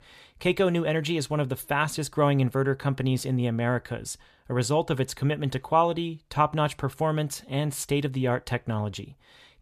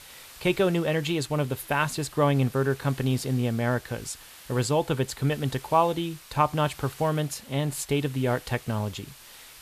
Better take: first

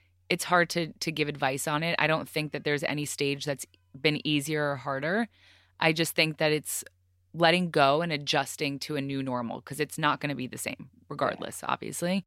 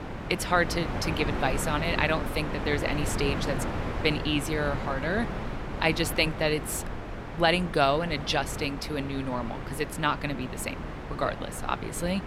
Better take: first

